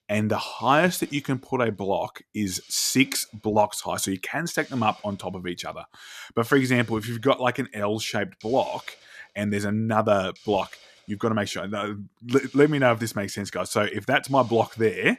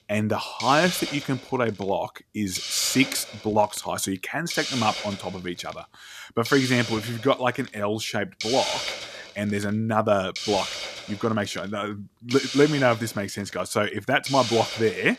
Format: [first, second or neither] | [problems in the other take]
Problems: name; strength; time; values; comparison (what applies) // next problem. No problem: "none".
first | hiss; loud; throughout; 6 dB below the speech; faint in the first